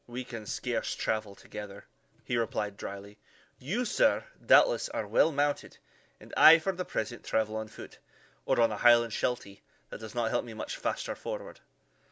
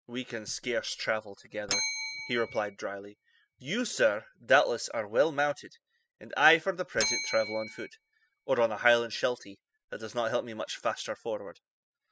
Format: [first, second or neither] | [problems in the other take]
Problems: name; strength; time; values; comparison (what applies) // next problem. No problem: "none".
first | noise reduction (classical method spectral subtraction)